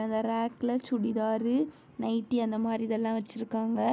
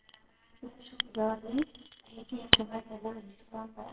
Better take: first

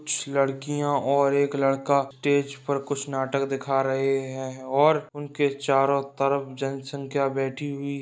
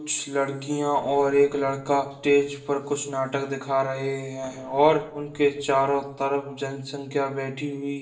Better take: first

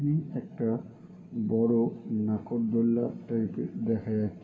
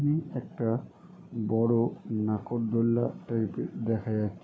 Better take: second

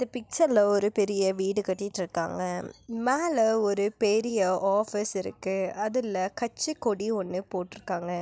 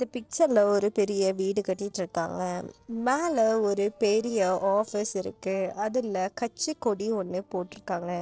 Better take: first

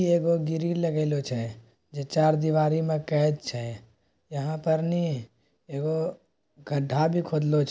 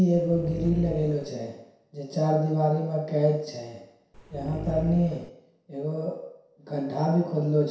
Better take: first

